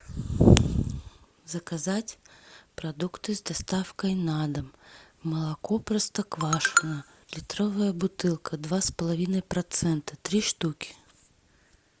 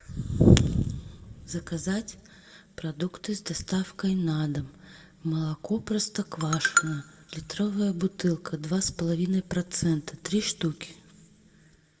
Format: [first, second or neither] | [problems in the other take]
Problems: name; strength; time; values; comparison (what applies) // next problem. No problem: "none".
first | room echo; dies away in 0.8 s